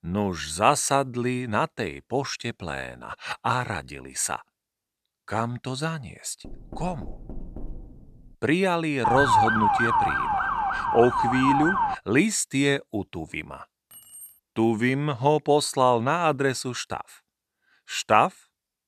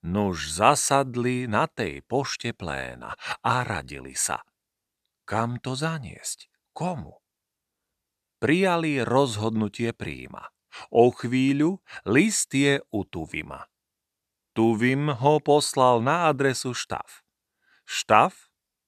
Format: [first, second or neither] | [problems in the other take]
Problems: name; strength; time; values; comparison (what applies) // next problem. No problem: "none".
second | door banging; faint; from 6.5 to 8.5 s; peak 15 dB below the speech // siren; loud; from 9 to 12 s; peak 5 dB above the speech // jangling keys; faint; at 14 s; peak 15 dB below the speech